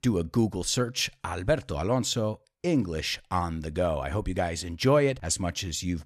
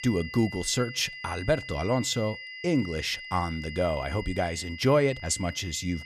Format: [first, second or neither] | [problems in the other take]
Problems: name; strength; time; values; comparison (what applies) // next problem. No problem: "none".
first | high-pitched whine; noticeable; throughout; 2 kHz, 10 dB below the speech